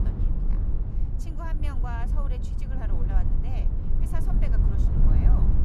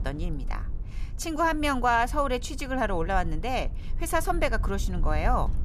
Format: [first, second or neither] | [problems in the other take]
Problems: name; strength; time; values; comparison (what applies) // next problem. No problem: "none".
second | low rumble; loud; throughout; as loud as the speech; faint in the second